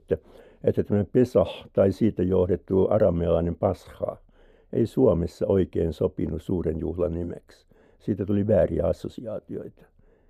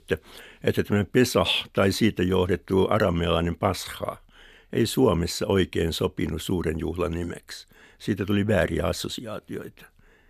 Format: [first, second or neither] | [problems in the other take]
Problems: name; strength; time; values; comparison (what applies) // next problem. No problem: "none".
second | muffled; very; fading above 1 kHz